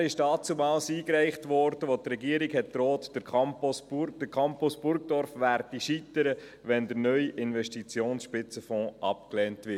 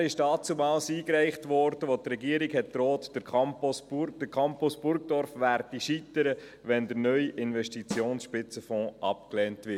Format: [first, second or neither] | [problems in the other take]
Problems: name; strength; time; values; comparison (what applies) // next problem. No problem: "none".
first | background sound (Snare drum); 15 dB below the speech